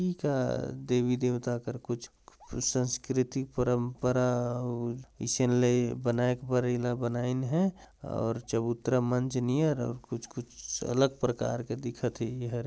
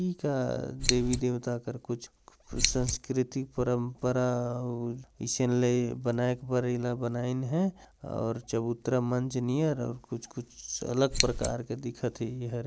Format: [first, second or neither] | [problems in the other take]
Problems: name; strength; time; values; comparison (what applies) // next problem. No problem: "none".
first | noise reduction (neural mask model Resemble Enhance denoiser)